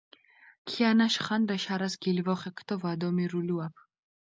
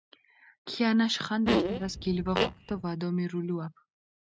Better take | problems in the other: first | noise reduction (neural mask model RNNoise)

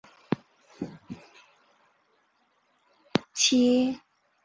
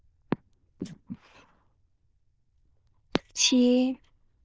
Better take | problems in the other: first | noise reduction (neural diffusion model UNIVERSE++)

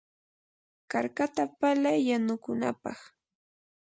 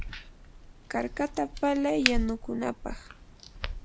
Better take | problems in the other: first | background sound (Crack); 4 dB below the speech

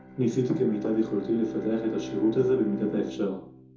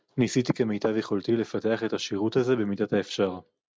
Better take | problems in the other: second | background sound (Bowed string instrument); 11 dB below the speech // room echo; dies away in 0.6 s

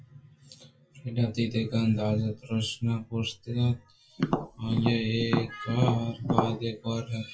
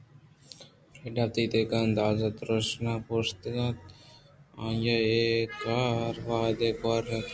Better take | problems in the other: second | noise reduction (classical method WPE with log-MMSE)

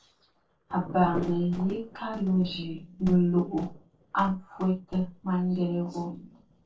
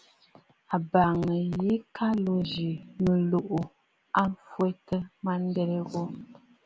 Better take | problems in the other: second | noise reduction (neural separator model SepFormer DNS4)

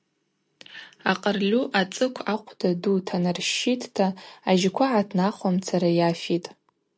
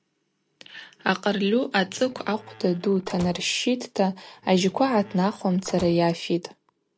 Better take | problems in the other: first | background sound (Slam); 20 dB below the speech

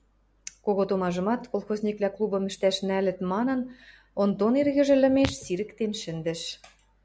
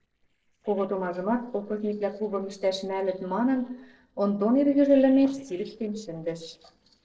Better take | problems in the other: first | noise reduction (neural separator model SepFormer DNS4)

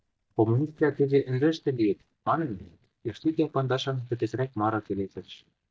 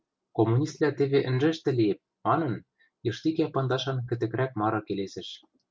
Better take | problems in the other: second | noise reduction (neural mask model DeepFilterNet 3)

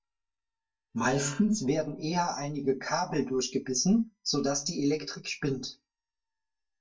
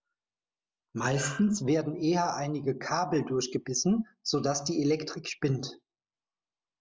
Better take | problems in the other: second | noise reduction (neural mask model DeepFilterNet 3)

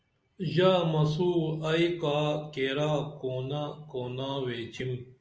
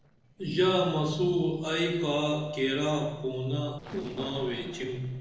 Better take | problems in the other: first | noise reduction (neural separator model SepFormer DNS4)

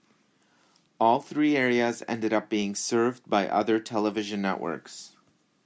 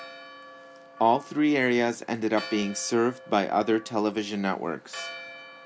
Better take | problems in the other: first | background sound (Church bell); 17 dB below the speech

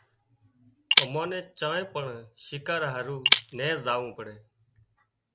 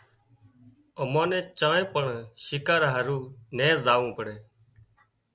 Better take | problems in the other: second | background sound (Shatter); 3 dB above the speech

